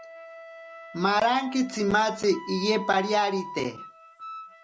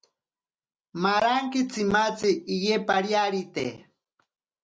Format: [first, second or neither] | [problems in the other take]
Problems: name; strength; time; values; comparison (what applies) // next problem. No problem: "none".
second | background sound (Wind instrument, woodwind instrument); 14 dB below the speech